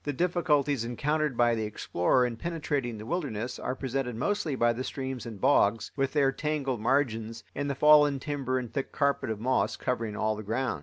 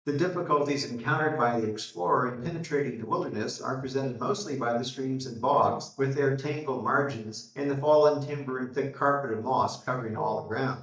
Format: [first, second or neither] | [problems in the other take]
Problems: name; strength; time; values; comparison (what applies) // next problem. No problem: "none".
first | noise reduction (neural mask model DeepFilterNet 3)